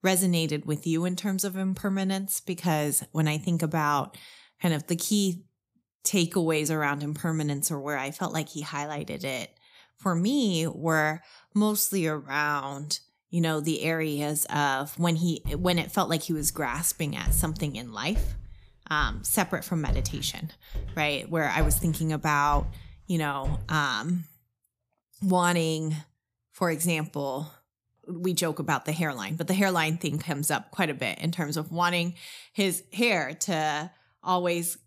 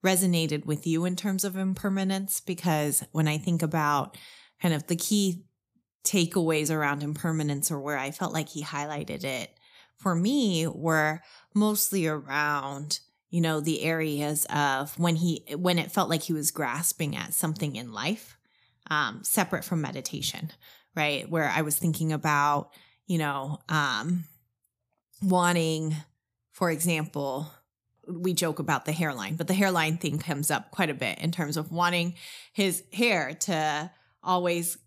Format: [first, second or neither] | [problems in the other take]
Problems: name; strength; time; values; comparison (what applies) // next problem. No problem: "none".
second | footsteps; noticeable; from 15 to 24 s; peak 4 dB below the speech